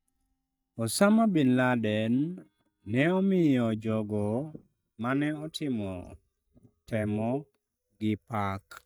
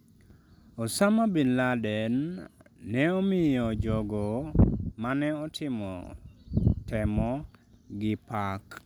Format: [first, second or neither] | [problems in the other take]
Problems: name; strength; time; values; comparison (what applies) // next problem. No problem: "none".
second | noise reduction (neural mask model DeepFilterNet 3)